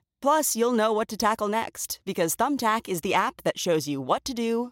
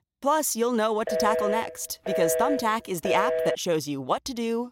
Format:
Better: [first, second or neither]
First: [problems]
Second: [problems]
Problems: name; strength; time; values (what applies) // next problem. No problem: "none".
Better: first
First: none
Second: phone ringing; loud; from 1 to 3.5 s; peak 1 dB above the speech